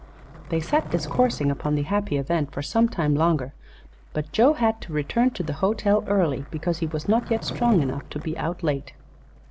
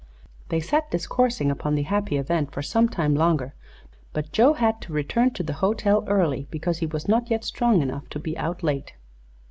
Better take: second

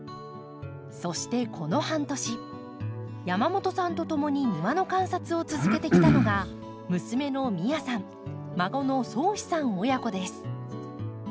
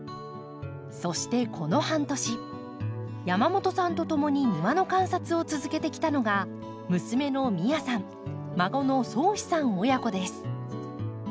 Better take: second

